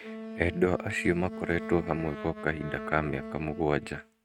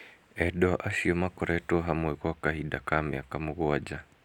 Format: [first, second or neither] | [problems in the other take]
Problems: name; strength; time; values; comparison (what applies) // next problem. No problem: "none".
second | noise reduction (neural mask model RNNoise)